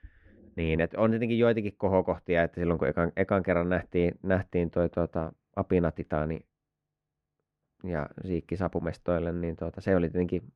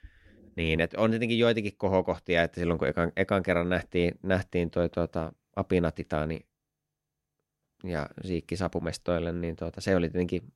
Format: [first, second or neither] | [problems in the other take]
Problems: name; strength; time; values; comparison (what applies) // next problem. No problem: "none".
second | muffled; slightly; fading above 3 kHz